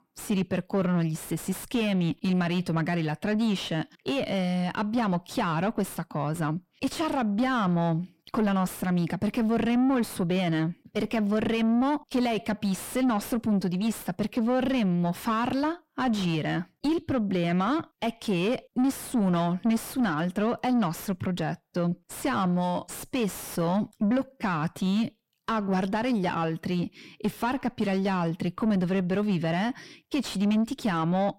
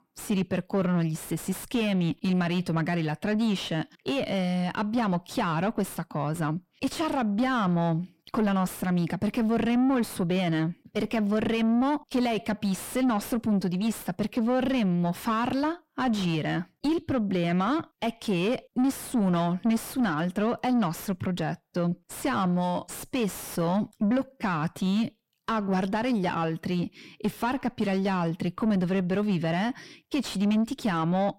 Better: neither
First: distortion; slight; 9 dB below the speech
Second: distortion; slight; 9 dB below the speech

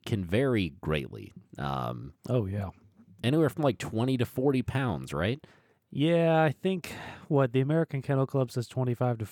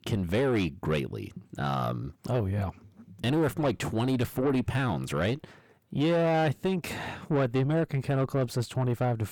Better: first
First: none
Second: distortion; heavy; 6 dB below the speech

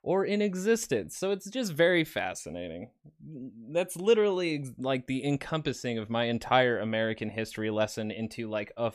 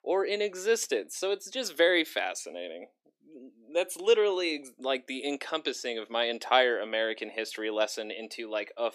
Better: first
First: none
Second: thin; somewhat; fading below 300 Hz

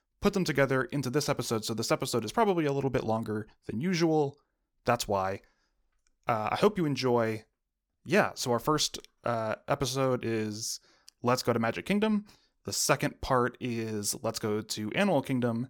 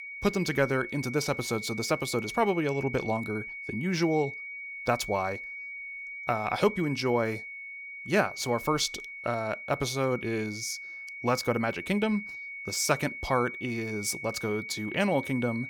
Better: first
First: none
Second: high-pitched whine; loud; throughout; 2 kHz, 8 dB below the speech

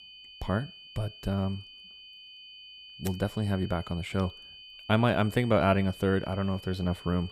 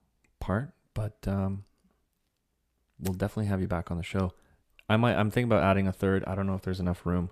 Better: second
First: high-pitched whine; noticeable; throughout; 3 kHz, 15 dB below the speech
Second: none

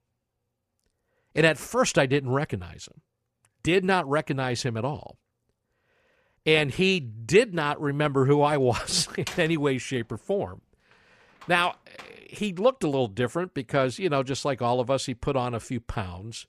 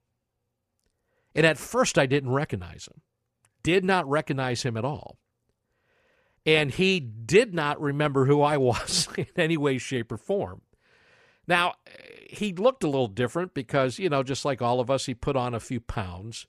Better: second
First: door banging; faint; from 9.5 to 12 s; peak 10 dB below the speech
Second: none

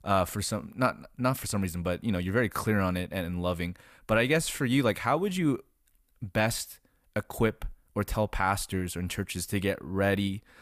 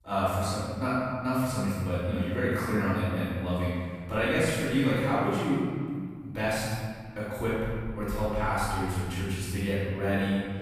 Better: first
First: none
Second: off-mic speech; far // room echo; strong; dies away in 1.9 s

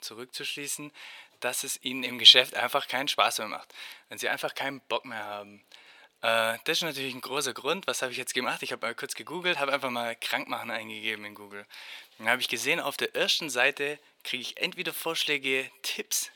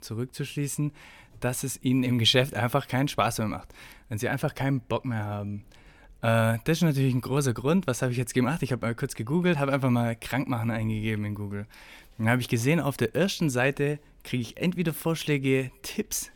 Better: second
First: thin; very; fading below 550 Hz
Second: none

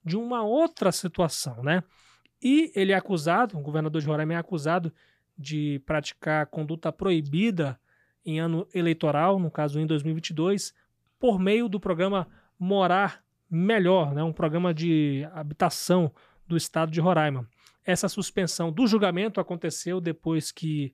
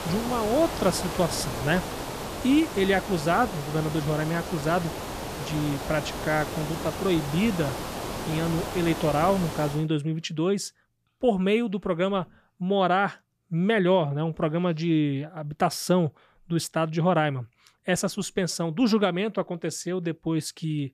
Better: first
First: none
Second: hiss; loud; until 10 s; 7 dB below the speech

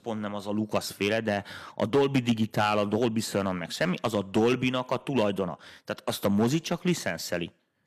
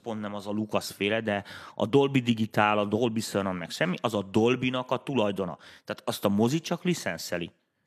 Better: second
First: distortion; slight; 3% of the sound clipped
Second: none

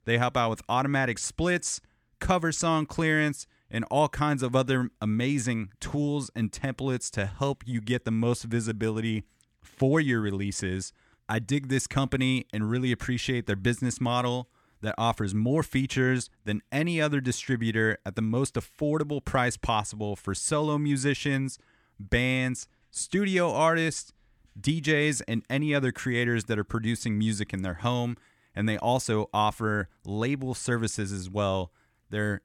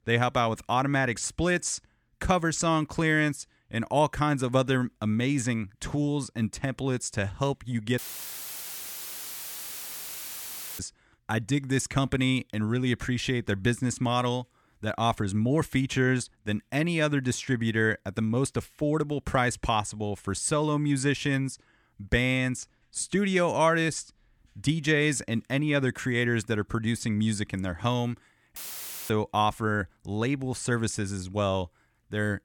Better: first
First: none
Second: audio cutting out; filled with static; at 8 s for 3 s and at 29 s for 0.5 s

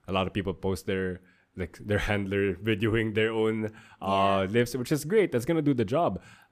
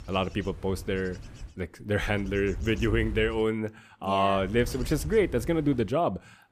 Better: first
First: none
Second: wind noise on the microphone; occasional gusts; until 1.5 s, from 2 to 3.5 s and from 4.5 to 6 s; 20 dB below the speech

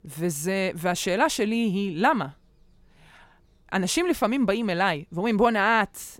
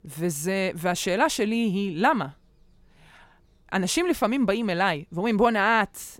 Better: neither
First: none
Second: none

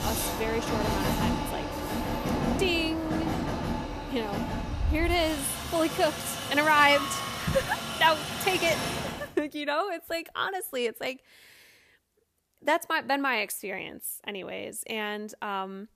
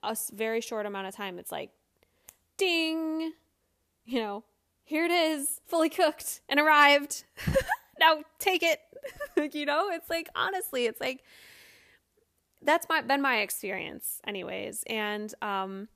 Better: second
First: train or aircraft noise; loud; until 9 s; 3 dB below the speech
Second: none

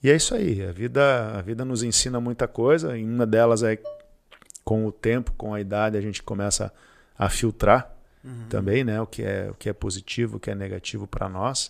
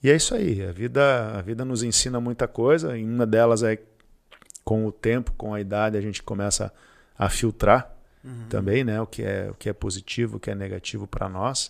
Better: second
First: clattering dishes; faint; at 4 s; peak 15 dB below the speech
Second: none

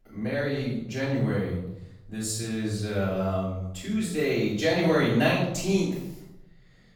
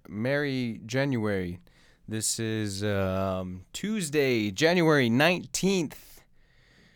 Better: second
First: off-mic speech; far // room echo; noticeable; dies away in 0.9 s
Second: none

